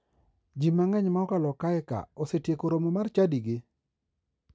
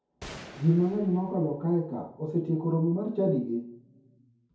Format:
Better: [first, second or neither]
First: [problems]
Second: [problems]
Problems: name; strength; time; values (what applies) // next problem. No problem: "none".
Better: first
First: none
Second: background sound (Gunshot, gunfire); 19 dB below the speech // room echo; dies away in 0.6 s